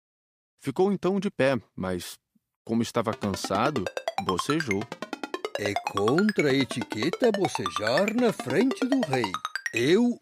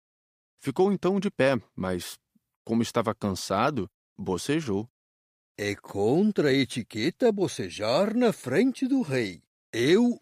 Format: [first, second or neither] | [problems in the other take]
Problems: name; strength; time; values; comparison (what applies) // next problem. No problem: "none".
second | phone ringing; noticeable; from 3 s on; peak 3 dB below the speech